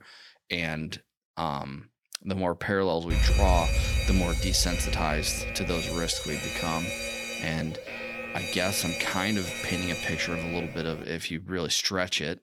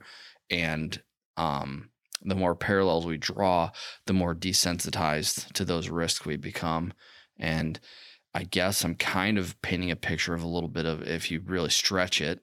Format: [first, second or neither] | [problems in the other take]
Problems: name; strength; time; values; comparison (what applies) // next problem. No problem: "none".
second | alarm; loud; from 3 to 11 s; peak 6 dB above the speech